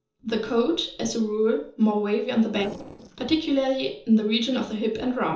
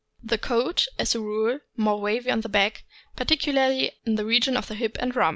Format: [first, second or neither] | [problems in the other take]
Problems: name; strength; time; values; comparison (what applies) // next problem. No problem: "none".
second | noise reduction (neural separator model SepFormer DNS4)